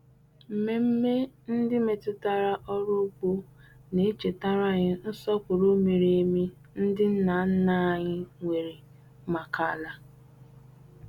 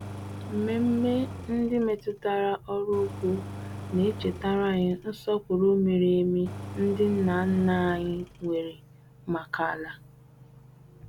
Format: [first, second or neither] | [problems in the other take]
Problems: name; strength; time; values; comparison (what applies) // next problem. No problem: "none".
first | background sound (Engine); 12 dB below the speech